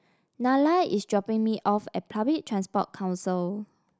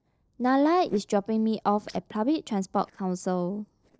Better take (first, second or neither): first